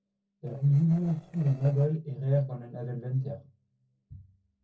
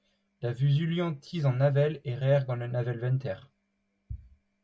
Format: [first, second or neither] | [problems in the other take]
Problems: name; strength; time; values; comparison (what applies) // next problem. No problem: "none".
second | noise reduction (neural separator model SepFormer DNS4)